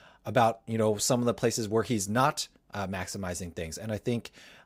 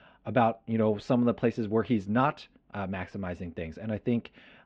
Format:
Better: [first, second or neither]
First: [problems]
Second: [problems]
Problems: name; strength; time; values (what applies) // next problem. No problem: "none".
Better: first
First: none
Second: muffled; very; fading above 3 kHz